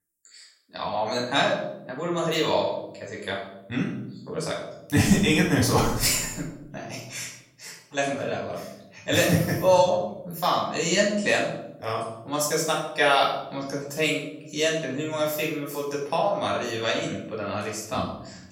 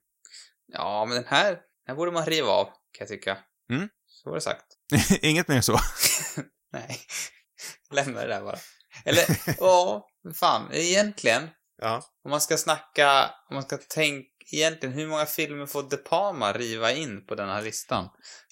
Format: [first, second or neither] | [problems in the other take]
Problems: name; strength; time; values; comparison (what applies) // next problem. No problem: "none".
second | off-mic speech; far // room echo; noticeable; dies away in 0.8 s